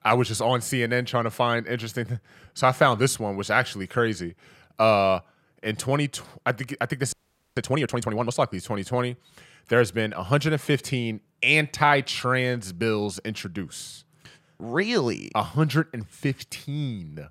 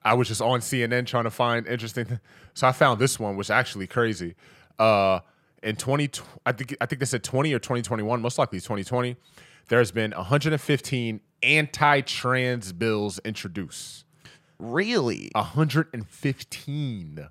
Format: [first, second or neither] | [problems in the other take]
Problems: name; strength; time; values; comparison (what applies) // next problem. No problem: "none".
second | audio freezing; at 7 s